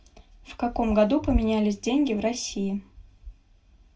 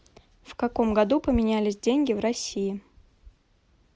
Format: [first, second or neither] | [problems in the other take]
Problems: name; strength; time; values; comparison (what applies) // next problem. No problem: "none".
second | background sound (Bowed string instrument); 20 dB below the speech // room echo; dies away in 0.2 s